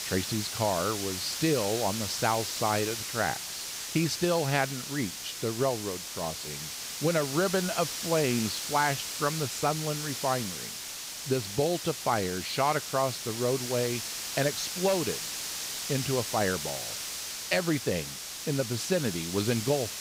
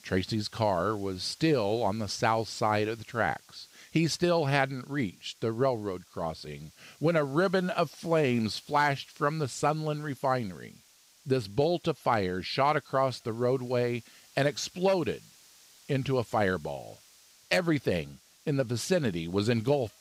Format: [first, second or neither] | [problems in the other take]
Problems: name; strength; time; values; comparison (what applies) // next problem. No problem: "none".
second | hiss; loud; throughout; 4 dB below the speech; faint in the second